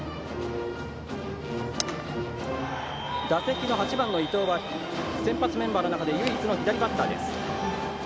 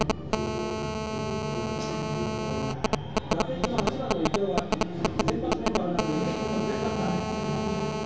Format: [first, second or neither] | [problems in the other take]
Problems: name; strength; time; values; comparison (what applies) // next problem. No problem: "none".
first | background sound (Telephone); as loud as the speech // room echo; dies away in 0.6 s